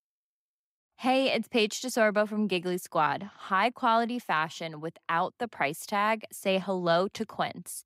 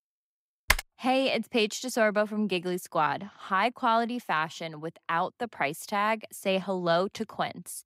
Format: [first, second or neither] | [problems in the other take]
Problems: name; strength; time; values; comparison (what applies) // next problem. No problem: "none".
first | keyboard typing; loud; at 0.5 s; peak 1 dB above the speech